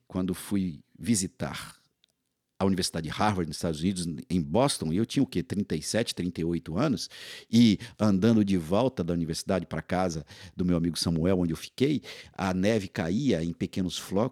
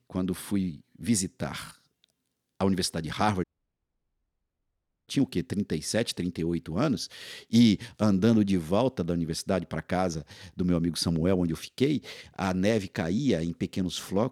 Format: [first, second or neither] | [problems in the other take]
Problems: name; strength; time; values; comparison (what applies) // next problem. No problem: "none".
first | audio cutting out; at 3.5 s for 1.5 s